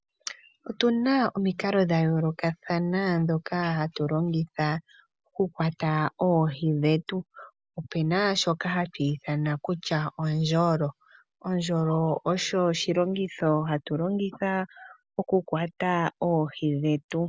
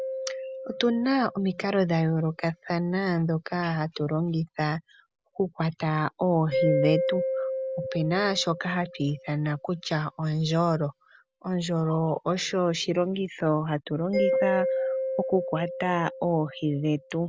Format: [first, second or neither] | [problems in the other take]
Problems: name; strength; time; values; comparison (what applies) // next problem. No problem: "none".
first | background sound (Mallet percussion); 6 dB below the speech